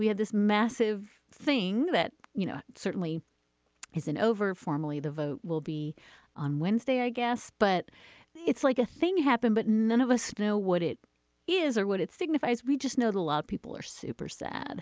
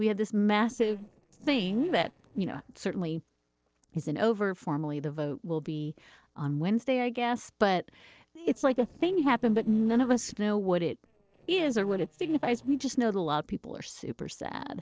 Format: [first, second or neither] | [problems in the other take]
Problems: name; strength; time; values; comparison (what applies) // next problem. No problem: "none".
first | noise reduction (neural separator model SepFormer DNS4)